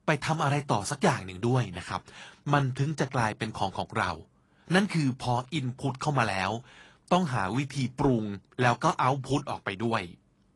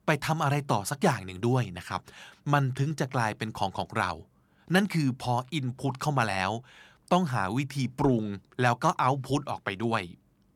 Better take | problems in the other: second | garbled, watery; slightly; nothing above 10.5 kHz

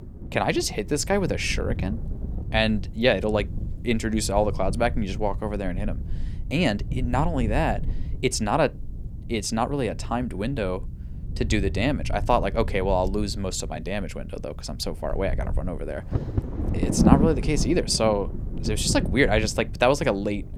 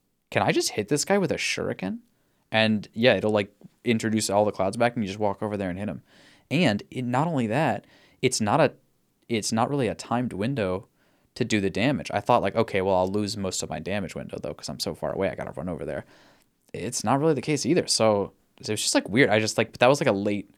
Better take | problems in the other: second | wind noise on the microphone; occasional gusts; 15 dB below the speech

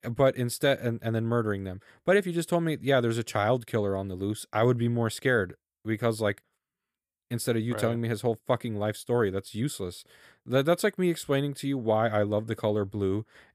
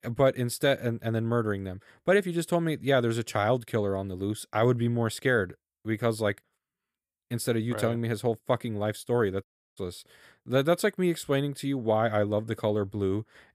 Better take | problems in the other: first | audio cutting out; at 9.5 s

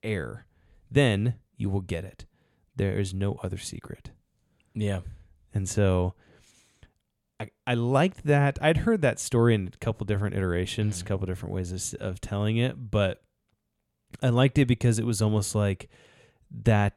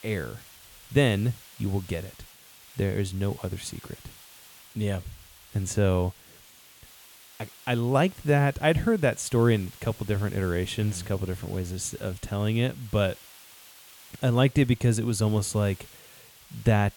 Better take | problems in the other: first | hiss; faint; throughout; 20 dB below the speech

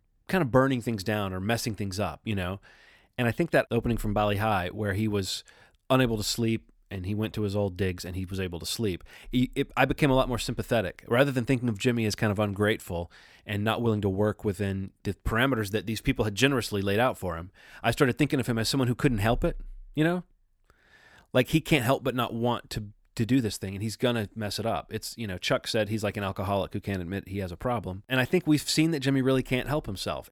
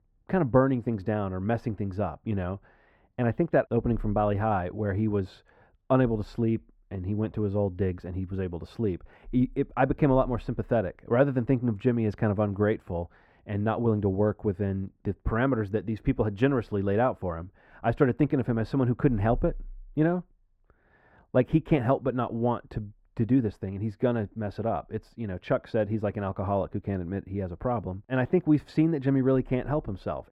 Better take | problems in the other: first | muffled; very; fading above 3 kHz

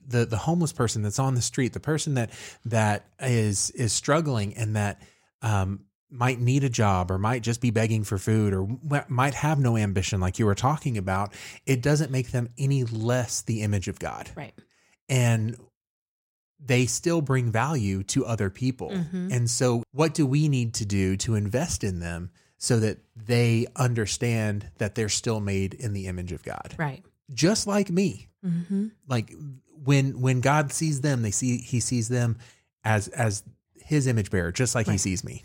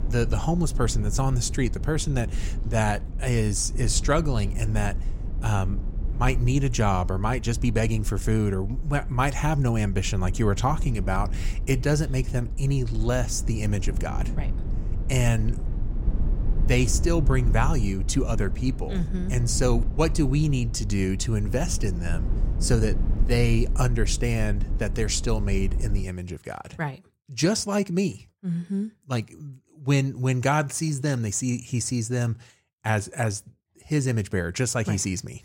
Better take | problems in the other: first | low rumble; noticeable; until 26 s; 15 dB below the speech

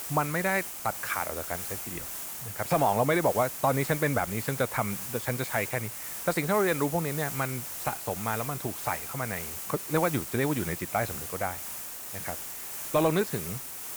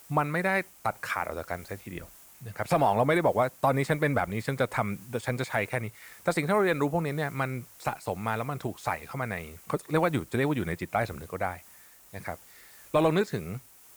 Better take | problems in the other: second | hiss; loud; throughout; 4 dB below the speech; faint in the second

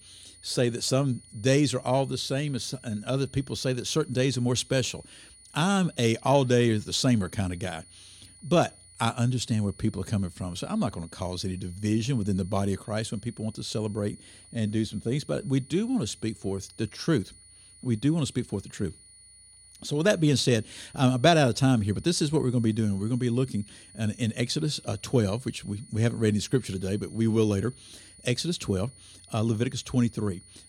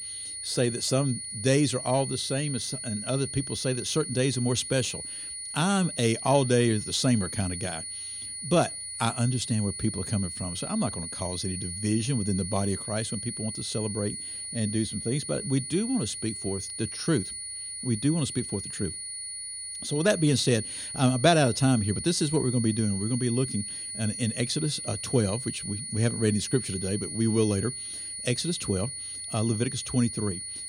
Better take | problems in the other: first | high-pitched whine; loud; throughout; 9.5 kHz, 6 dB below the speech; faint in the first

